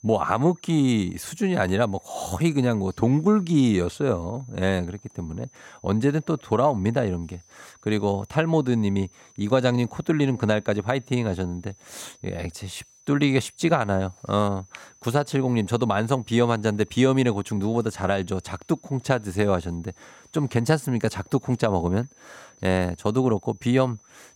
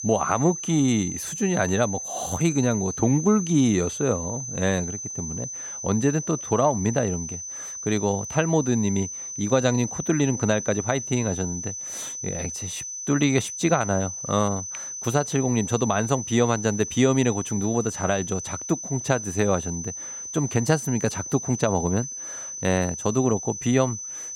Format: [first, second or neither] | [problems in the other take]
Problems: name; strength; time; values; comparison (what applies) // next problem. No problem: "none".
first | high-pitched whine; loud; throughout; 6 kHz, 7 dB below the speech; faint in the first